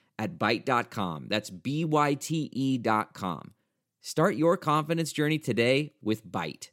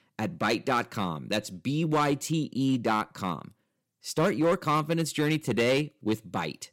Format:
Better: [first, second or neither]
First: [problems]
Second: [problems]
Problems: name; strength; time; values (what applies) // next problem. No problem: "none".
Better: first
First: none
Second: distortion; slight; 4% of the sound clipped